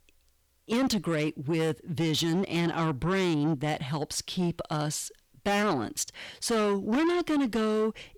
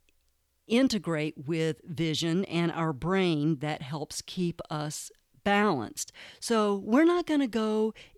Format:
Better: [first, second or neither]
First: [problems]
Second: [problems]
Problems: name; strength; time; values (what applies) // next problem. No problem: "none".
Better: second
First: distortion; heavy; 7 dB below the speech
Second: none